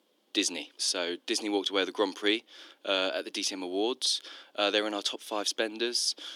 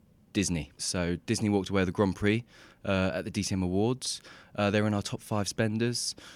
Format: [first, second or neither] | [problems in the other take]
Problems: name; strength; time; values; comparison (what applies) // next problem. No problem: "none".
second | thin; somewhat; fading below 300 Hz